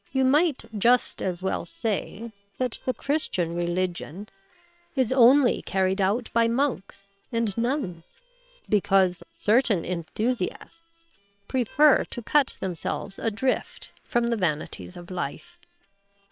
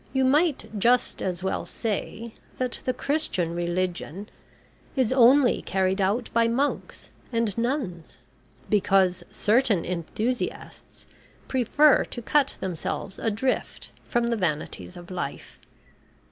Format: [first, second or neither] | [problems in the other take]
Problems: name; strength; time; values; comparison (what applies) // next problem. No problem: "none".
second | noise reduction (neural separator model SepFormer WHAM!)